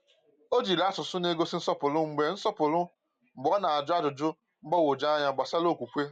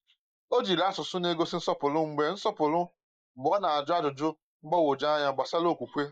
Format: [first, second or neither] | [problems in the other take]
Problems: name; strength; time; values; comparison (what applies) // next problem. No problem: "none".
first | noise reduction (neural mask model Resemble Enhance denoiser)